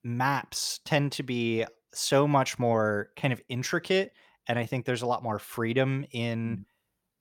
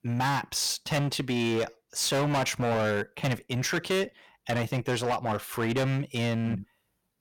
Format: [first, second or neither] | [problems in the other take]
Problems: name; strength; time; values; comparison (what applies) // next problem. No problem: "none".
first | distortion; heavy; 18% of the sound clipped